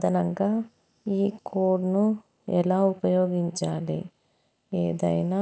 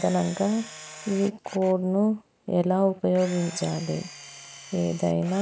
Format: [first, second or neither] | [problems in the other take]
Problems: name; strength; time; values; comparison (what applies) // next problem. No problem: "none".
first | background sound (Camera); 17 dB below the speech